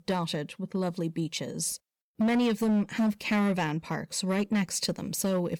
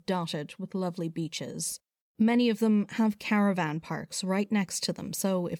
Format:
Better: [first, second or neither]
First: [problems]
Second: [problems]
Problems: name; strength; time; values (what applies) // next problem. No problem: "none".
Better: second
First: distortion; slight; 9% of the sound clipped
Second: none